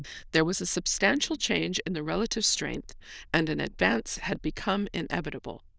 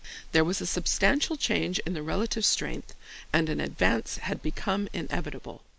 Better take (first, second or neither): second